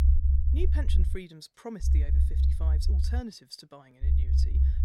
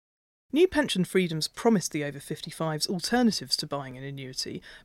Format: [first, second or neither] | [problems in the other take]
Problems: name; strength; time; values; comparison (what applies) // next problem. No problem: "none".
second | low rumble; loud; until 1 s, from 2 to 3 s and at 4 s; 2 dB below the speech